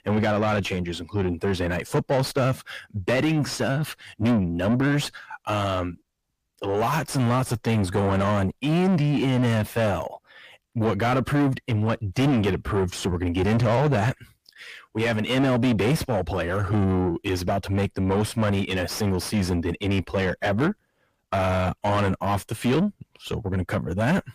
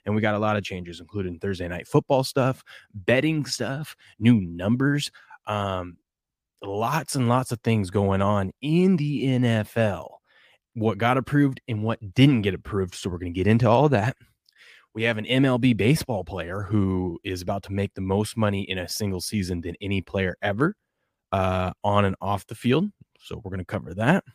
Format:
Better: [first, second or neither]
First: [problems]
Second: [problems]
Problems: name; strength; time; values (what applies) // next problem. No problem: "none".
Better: second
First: distortion; heavy; 6 dB below the speech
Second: none